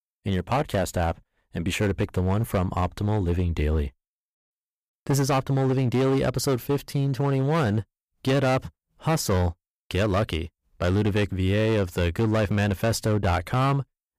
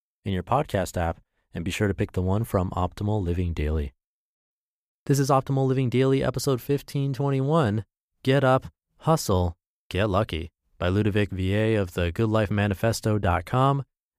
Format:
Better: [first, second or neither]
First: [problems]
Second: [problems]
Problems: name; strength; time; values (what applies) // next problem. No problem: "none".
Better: second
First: distortion; slight; 12% of the sound clipped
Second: none